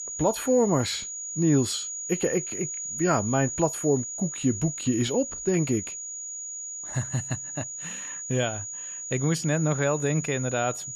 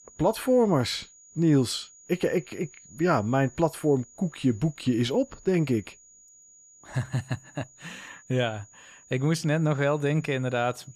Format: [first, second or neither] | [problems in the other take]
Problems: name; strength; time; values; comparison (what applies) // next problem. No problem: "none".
second | high-pitched whine; loud; throughout; 7 kHz, 6 dB below the speech; faint in the second